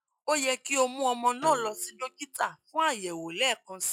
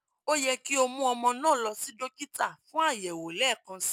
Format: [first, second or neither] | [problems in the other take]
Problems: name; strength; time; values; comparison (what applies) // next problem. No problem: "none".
second | noise reduction (classical method log-MMSE)